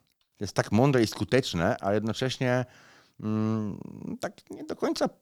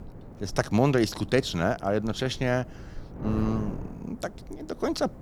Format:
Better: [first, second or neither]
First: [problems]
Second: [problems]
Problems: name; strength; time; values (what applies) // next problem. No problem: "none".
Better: first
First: none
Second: wind noise on the microphone; occasional gusts; 20 dB below the speech